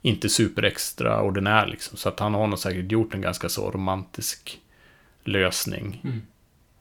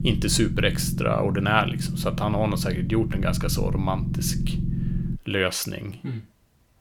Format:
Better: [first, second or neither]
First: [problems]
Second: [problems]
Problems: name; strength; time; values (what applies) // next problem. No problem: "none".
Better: first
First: none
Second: low rumble; noticeable; until 5 s; 10 dB below the speech